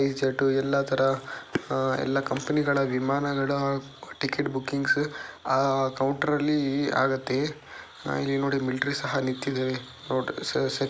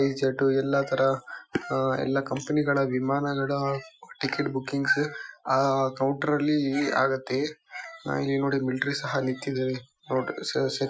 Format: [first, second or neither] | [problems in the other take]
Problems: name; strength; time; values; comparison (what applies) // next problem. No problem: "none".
first | noise reduction (classical method Wiener filter)